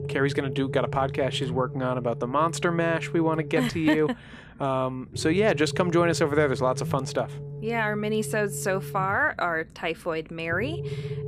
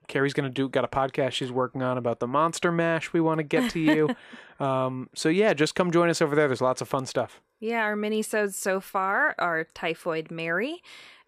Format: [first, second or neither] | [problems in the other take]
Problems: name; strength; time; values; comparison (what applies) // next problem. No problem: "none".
second | low rumble; noticeable; throughout; 15 dB below the speech